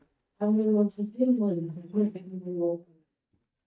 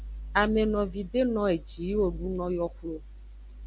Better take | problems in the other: second | noise reduction (neural mask model DeepFilterNet 3)

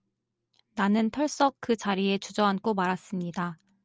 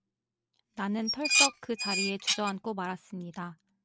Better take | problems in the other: first | background sound (Dishes, pots, and pans); 5 dB above the speech

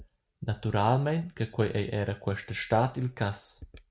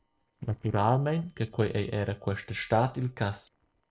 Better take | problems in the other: first | noise reduction (neural separator model SepFormer DNS4)

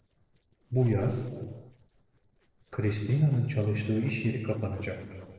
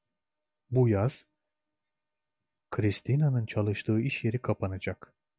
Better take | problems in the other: second | noise reduction (neural separator model SepFormer DNS4)

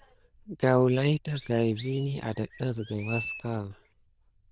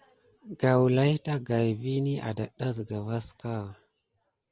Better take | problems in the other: second | noise reduction (neural diffusion model UNIVERSE++)

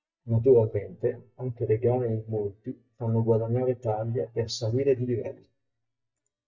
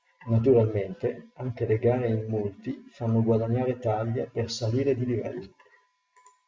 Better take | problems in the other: second | noise reduction (neural mask model DeepFilterNet 3)

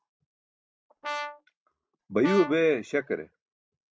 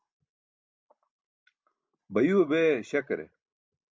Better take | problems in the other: second | noise reduction (neural mask model RNNoise)

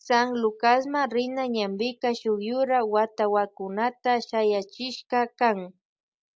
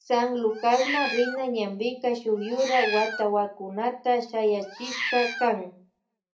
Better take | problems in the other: first | background sound (Meow); 8 dB below the speech // room echo; dies away in 0.3 s

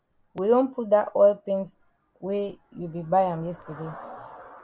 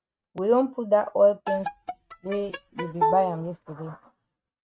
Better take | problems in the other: first | noise reduction (neural mask model RNNoise)

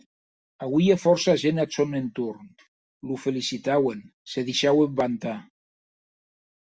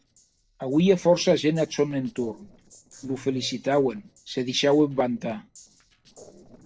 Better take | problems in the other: first | noise reduction (neural separator model SepFormer DNS4)

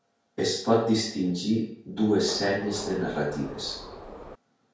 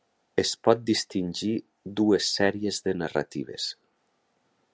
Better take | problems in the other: second | background sound (Subway, metro, underground); 14 dB below the speech // room echo; dies away in 0.5 s

